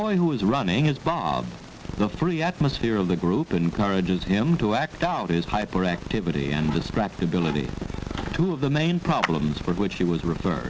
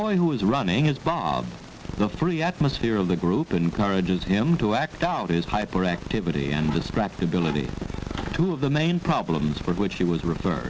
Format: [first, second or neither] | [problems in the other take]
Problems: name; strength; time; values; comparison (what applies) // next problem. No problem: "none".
second | background sound (Clapping); 11 dB below the speech